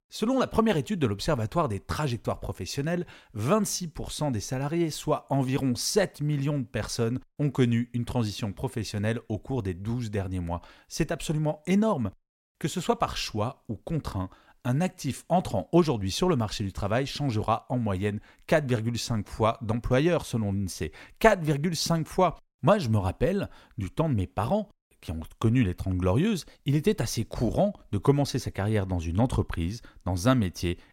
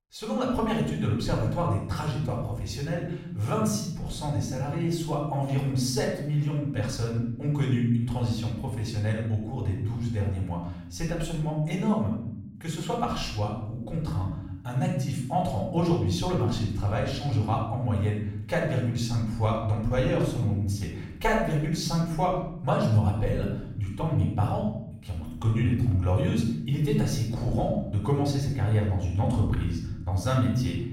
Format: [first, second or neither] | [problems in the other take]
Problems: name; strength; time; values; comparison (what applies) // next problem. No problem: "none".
first | off-mic speech; far // room echo; noticeable; dies away in 1 s